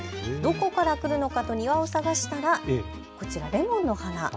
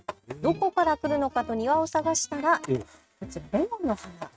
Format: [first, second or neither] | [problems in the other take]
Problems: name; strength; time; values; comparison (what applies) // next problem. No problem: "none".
first | noise reduction (neural mask model RNNoise)